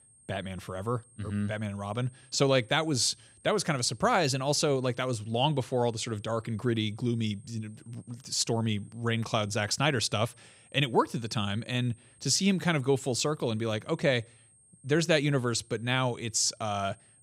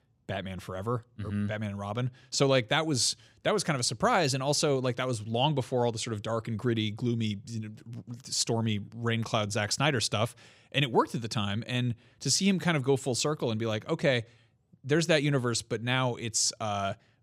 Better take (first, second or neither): second